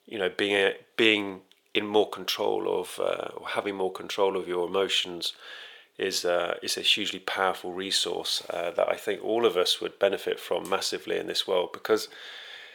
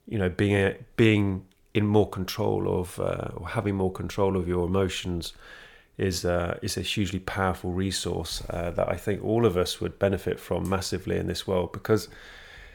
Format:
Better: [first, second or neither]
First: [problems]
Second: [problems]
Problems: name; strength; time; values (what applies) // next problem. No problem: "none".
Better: second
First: thin; very; fading below 450 Hz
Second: none